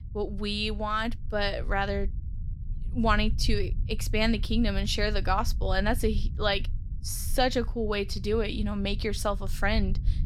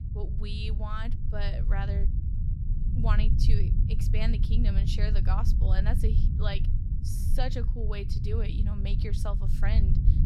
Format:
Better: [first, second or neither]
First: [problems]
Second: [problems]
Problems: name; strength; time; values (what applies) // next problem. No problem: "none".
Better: first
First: low rumble; faint; throughout; 20 dB below the speech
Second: low rumble; loud; throughout; 5 dB below the speech